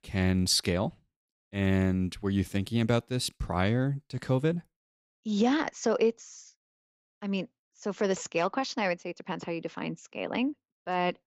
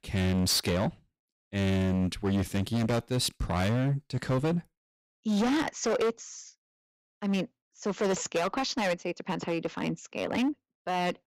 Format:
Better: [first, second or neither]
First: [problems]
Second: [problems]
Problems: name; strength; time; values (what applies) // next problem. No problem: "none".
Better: first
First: none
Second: distortion; heavy; 14% of the sound clipped